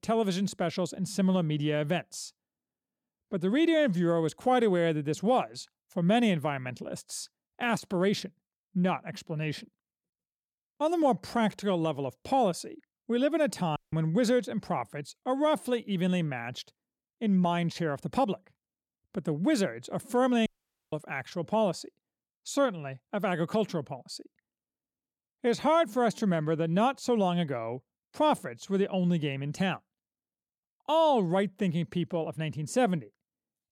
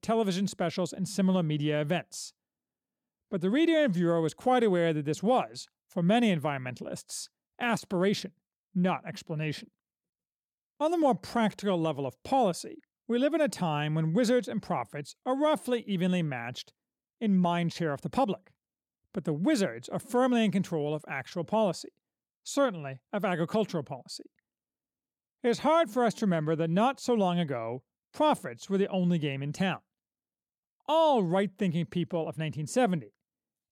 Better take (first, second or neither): second